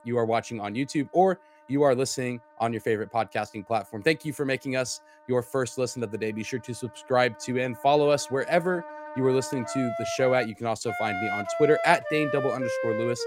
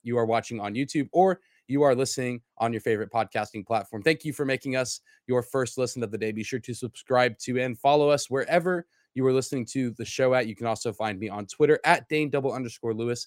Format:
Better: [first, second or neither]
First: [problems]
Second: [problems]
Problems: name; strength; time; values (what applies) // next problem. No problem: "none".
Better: second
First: background music; loud; throughout; 6 dB below the speech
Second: none